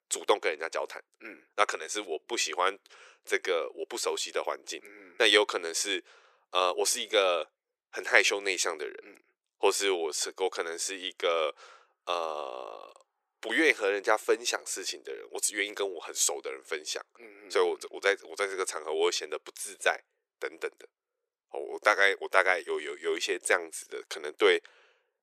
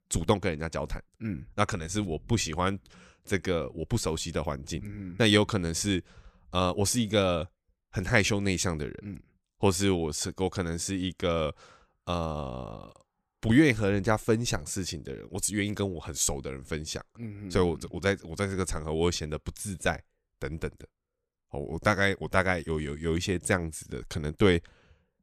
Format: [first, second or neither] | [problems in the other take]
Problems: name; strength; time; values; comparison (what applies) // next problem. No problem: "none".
second | thin; very; fading below 400 Hz